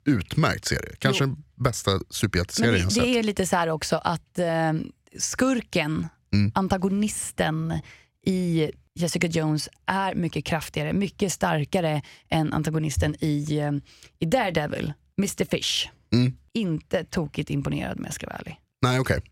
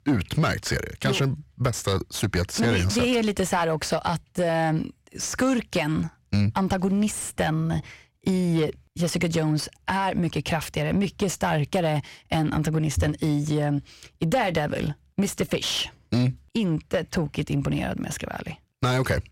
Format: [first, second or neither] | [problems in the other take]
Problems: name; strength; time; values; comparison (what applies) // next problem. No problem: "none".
first | distortion; slight; 10 dB below the speech